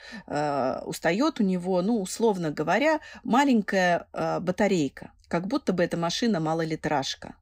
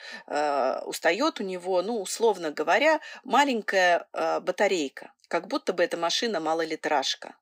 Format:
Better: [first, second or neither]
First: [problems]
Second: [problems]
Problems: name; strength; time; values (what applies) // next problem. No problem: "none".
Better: first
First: none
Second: thin; somewhat; fading below 350 Hz